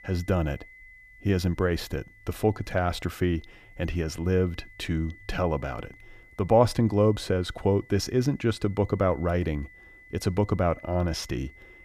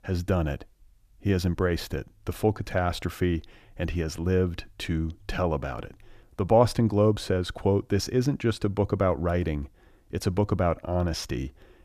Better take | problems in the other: second | high-pitched whine; faint; throughout; 2 kHz, 25 dB below the speech

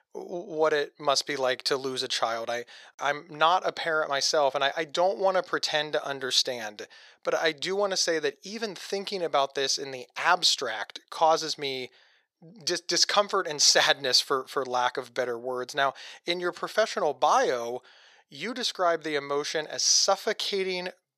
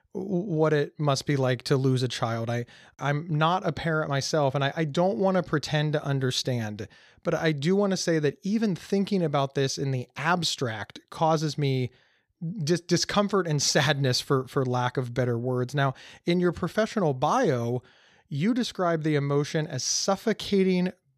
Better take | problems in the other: second | thin; very; fading below 600 Hz

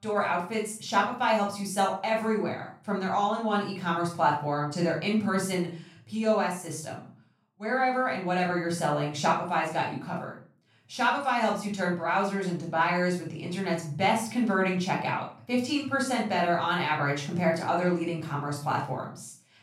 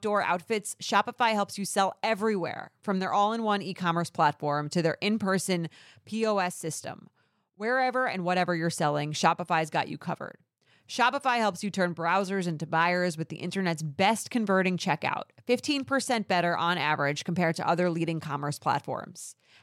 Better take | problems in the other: second | off-mic speech; far // room echo; noticeable; dies away in 0.4 s

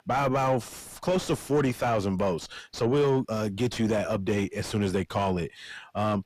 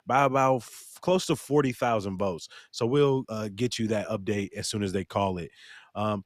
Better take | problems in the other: second | distortion; heavy; 6 dB below the speech

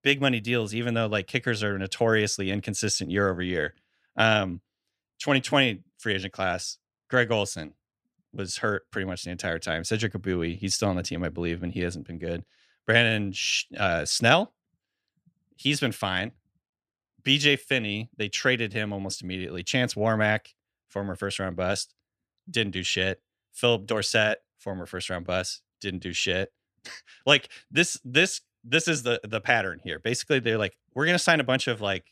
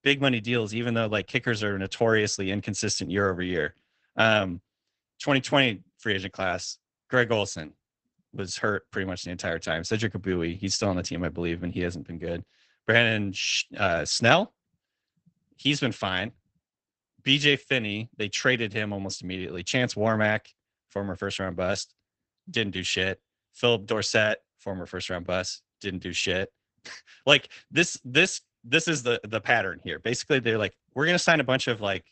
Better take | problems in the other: first | garbled, watery; badly; nothing above 8 kHz

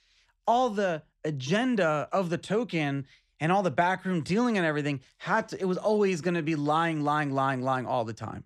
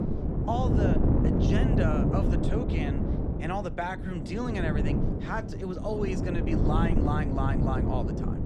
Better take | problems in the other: first | wind noise on the microphone; heavy; 1 dB below the speech

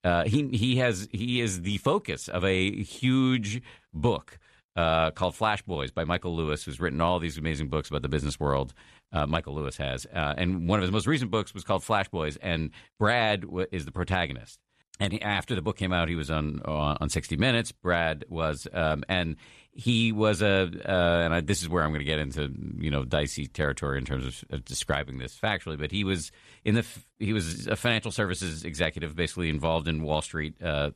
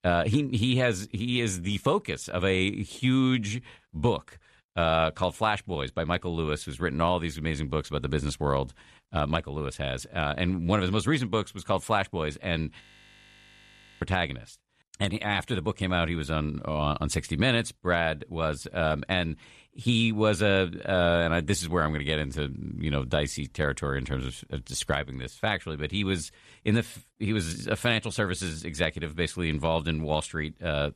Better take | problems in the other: first | audio freezing; at 13 s for 1 s

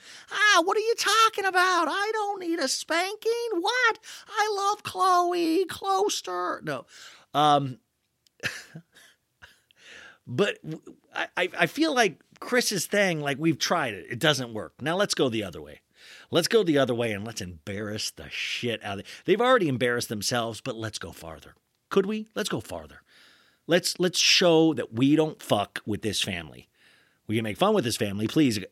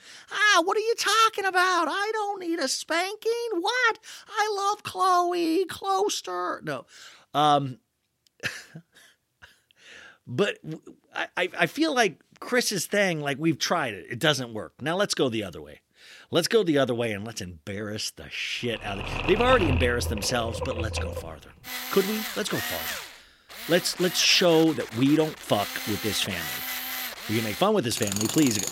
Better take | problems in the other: first | machinery noise; loud; from 19 s on; 7 dB below the speech

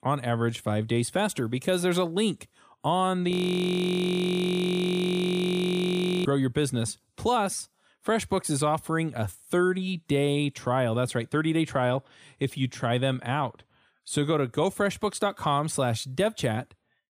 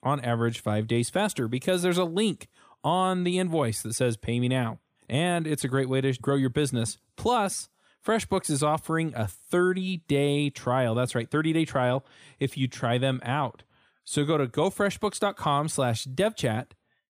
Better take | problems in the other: second | audio freezing; at 3.5 s for 3 s

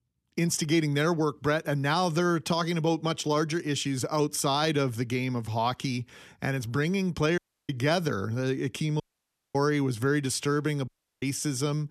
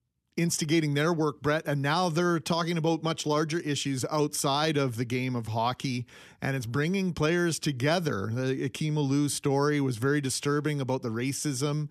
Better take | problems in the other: second | audio cutting out; at 7.5 s, at 9 s for 0.5 s and at 11 s

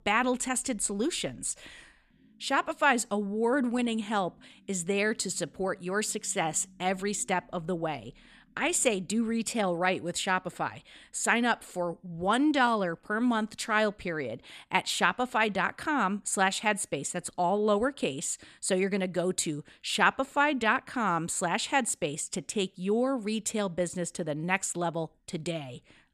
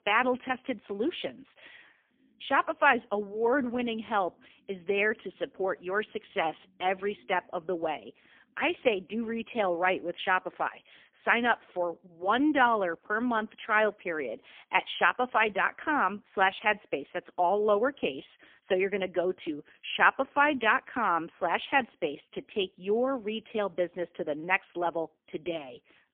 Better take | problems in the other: first | phone-call audio; poor line; nothing above 3.5 kHz

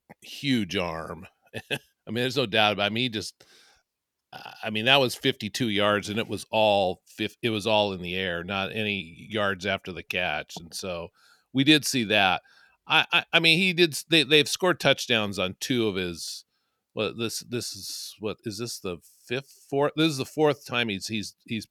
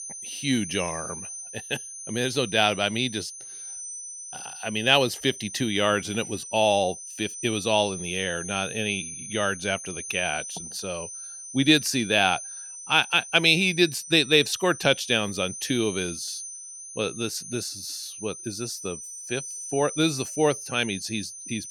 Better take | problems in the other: first | high-pitched whine; noticeable; throughout; 6 kHz, 10 dB below the speech

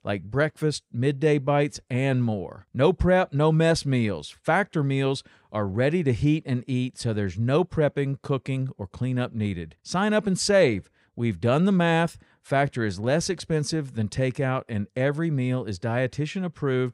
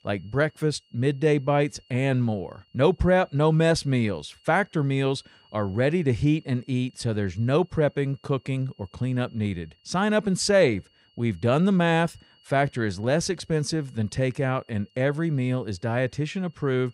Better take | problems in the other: first | high-pitched whine; faint; throughout; 3 kHz, 35 dB below the speech

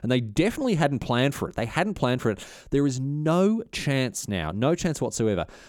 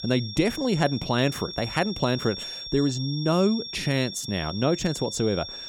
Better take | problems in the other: first | high-pitched whine; loud; throughout; 5.5 kHz, 9 dB below the speech

